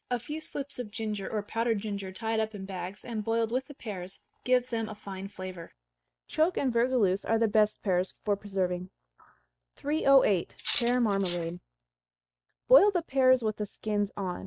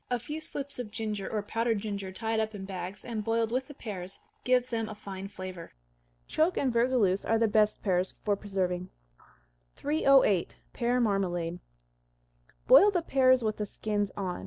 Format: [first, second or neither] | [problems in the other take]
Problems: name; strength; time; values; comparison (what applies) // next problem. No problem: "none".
second | noise reduction (neural mask model RNNoise)